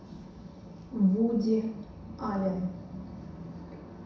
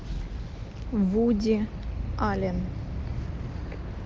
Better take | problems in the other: second | room echo; dies away in 0.7 s

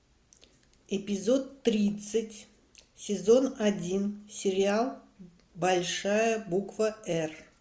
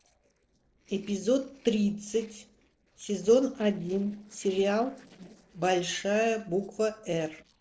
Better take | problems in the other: first | noise reduction (neural separator model SepFormer DNS4)

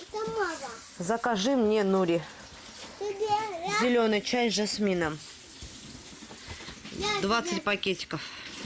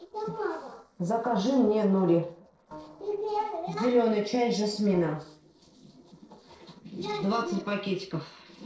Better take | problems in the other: first | noise reduction (neural separator model SepFormer DNS4)

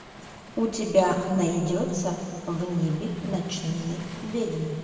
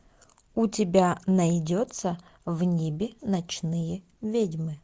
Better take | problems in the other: second | background sound (Waves, surf); 18 dB below the speech // room echo; dies away in 2.4 s

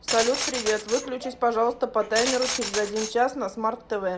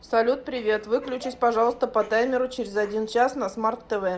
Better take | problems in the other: second | background sound (Glass); 7 dB below the speech

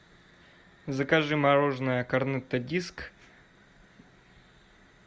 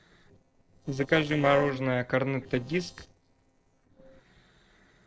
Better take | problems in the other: first | noise reduction (neural separator model SepFormer DNS4)

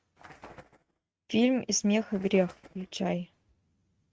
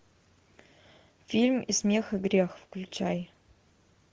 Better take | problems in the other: second | noise reduction (neural mask model RNNoise)

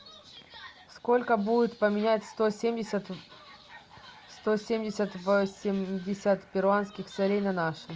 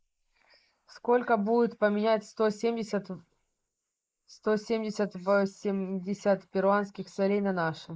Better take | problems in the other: first | noise reduction (neural mask model Resemble Enhance denoiser)

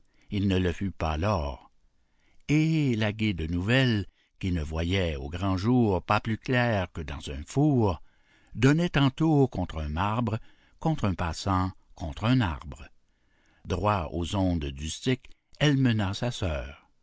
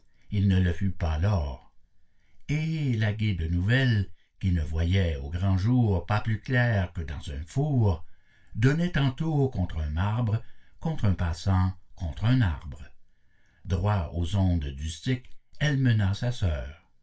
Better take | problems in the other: first | room echo; dies away in 0.2 s

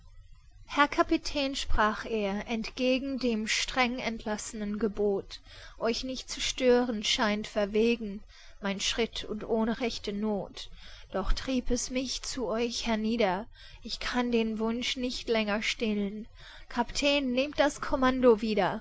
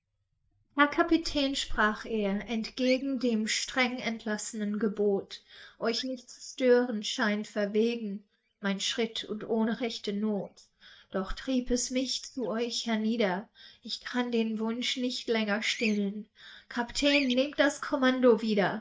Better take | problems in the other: first | noise reduction (neural mask model DeepFilterNet 3)

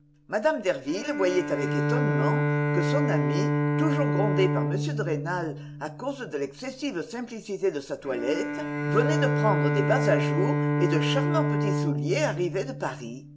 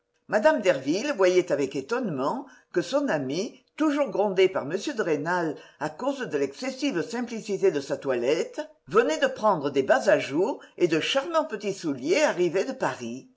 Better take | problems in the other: second | background sound (Bowed string instrument); 2 dB above the speech

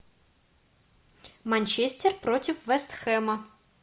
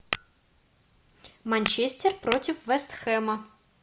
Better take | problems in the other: first | background sound (Tap / Glass); 7 dB below the speech

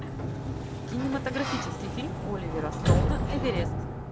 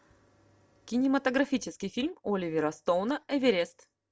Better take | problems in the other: second | background sound (Sliding door); 5 dB above the speech

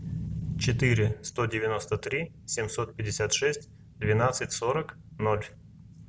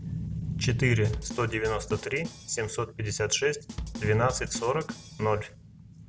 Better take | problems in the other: first | background sound (Drum kit); 12 dB below the speech

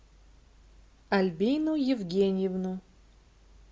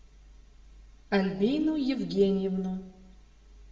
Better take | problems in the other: first | room echo; dies away in 0.8 s

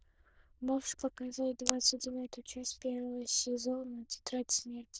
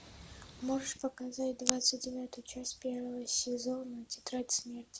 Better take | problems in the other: second | noise reduction (neural diffusion model UNIVERSE++)

